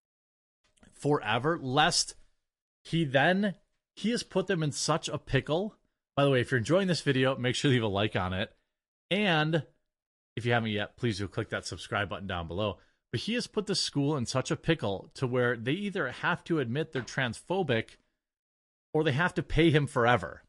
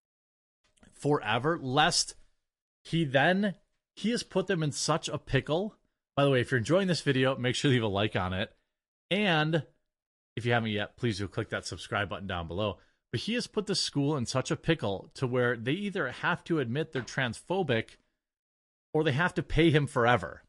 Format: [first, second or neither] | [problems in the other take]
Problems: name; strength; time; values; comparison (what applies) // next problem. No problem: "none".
neither | garbled, watery; slightly; nothing above 11 kHz; the same in both